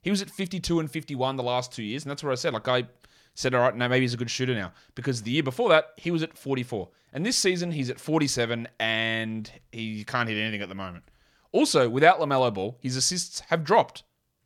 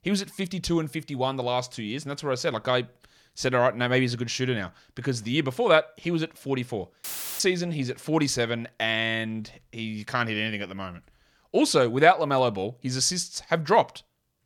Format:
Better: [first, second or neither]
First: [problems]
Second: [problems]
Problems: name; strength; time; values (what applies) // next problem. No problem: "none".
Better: first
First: none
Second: audio cutting out; filled with static; at 7 s